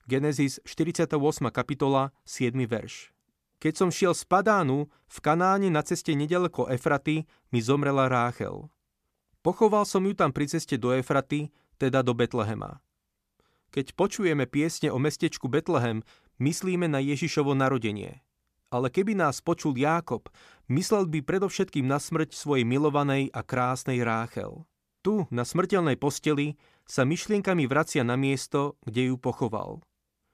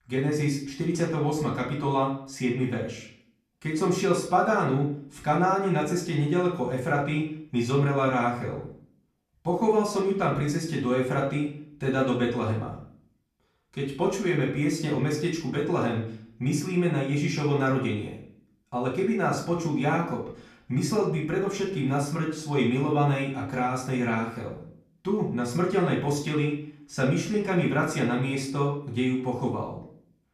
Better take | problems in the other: first | off-mic speech; far // room echo; slight; dies away in 0.5 s

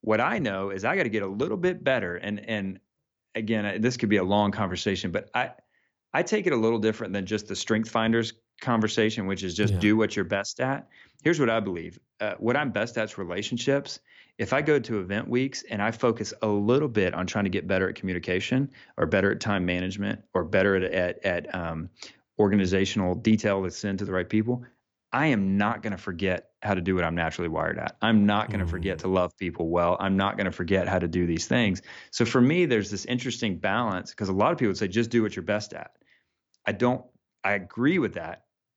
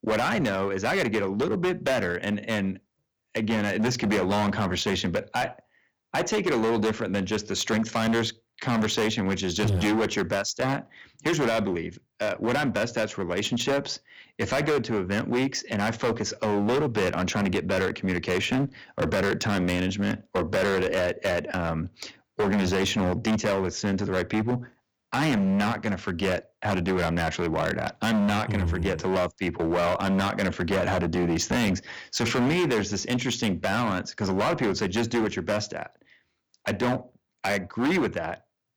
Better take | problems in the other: first | distortion; heavy; 17% of the sound clipped

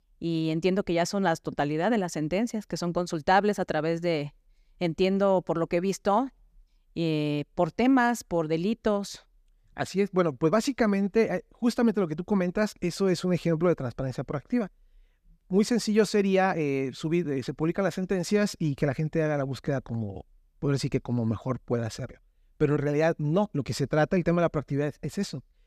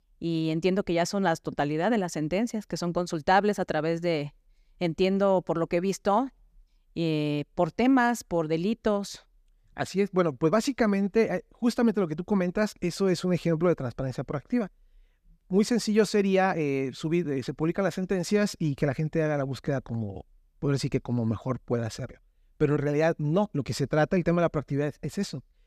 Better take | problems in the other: neither | none

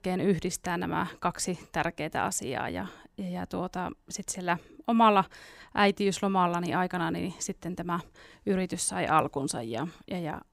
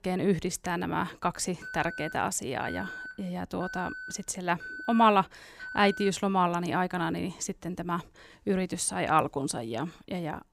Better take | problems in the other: first | alarm; noticeable; from 1.5 to 6 s; peak 9 dB below the speech

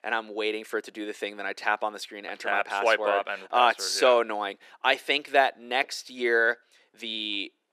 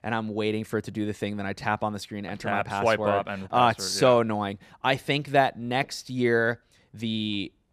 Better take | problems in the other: second | thin; somewhat; fading below 350 Hz

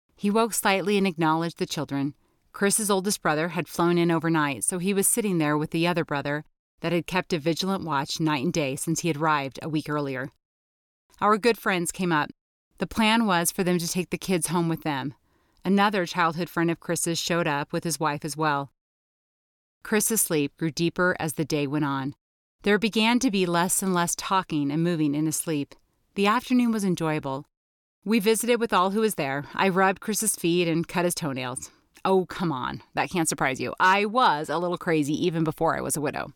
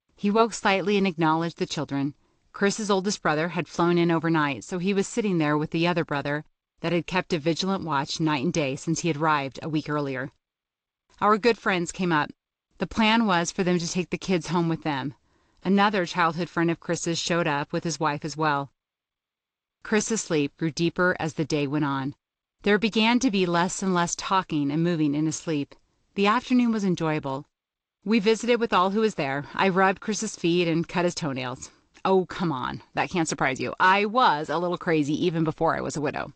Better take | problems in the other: first | garbled, watery; slightly; nothing above 8 kHz

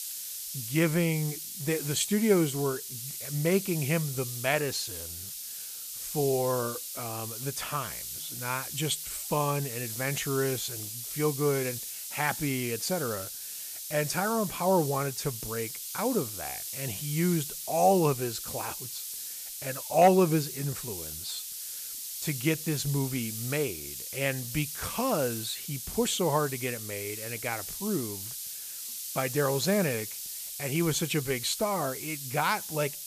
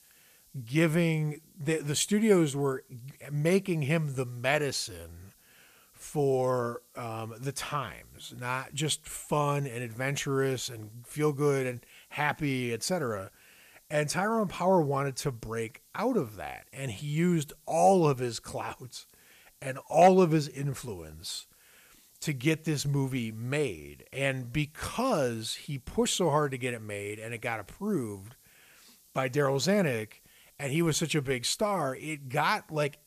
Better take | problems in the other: second | hiss; loud; throughout; 6 dB below the speech; faint in the second

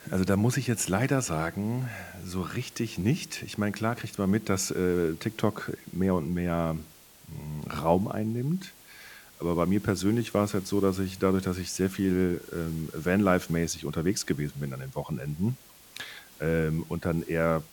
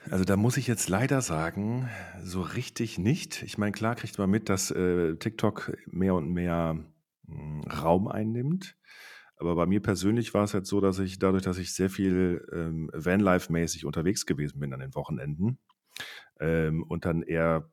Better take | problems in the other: second | hiss; faint; throughout; 20 dB below the speech

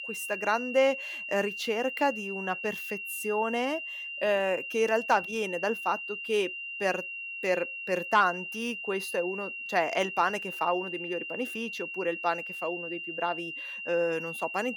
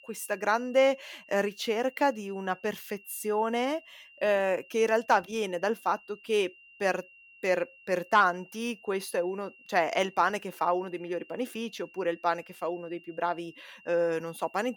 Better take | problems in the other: second | high-pitched whine; loud; throughout; 3 kHz, 5 dB below the speech; faint in the second

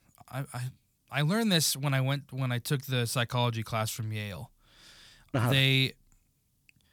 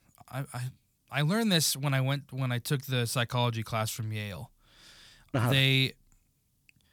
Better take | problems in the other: neither | none

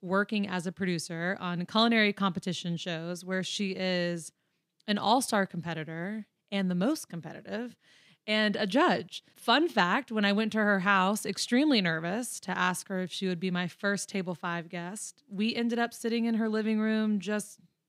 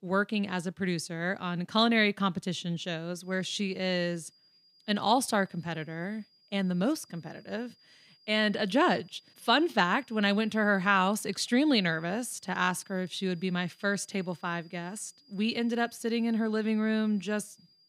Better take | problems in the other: first | high-pitched whine; faint; from 3 s on; 5 kHz, 30 dB below the speech

